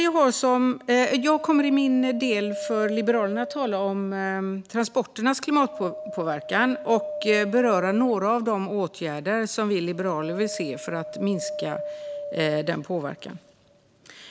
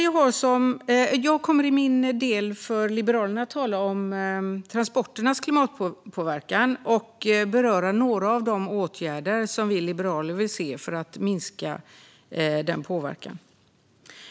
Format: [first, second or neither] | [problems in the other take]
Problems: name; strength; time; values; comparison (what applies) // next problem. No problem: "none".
second | background sound (Wind); 12 dB below the speech